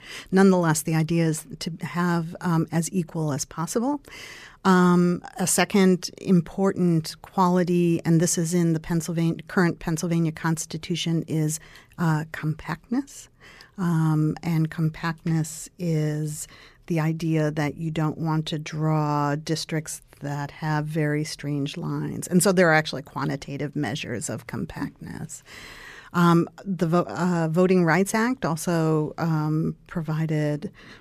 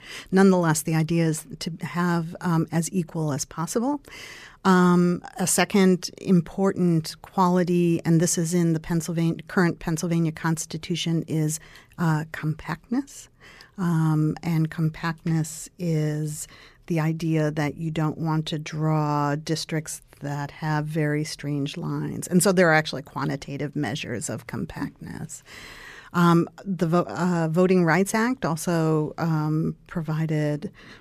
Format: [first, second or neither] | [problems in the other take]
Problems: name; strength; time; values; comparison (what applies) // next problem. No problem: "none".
neither | none